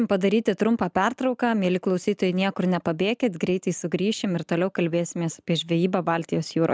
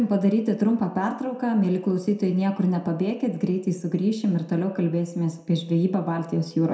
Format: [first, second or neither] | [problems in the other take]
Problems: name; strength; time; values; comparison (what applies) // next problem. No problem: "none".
first | room echo; dies away in 0.6 s